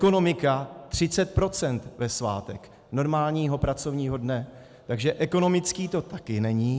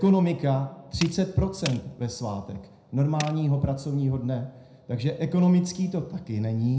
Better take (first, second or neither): first